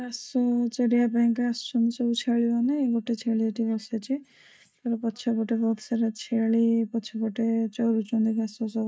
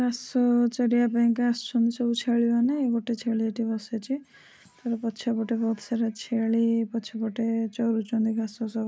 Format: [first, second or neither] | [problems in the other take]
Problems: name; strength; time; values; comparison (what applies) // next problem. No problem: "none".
second | noise reduction (neural mask model DeepFilterNet 3)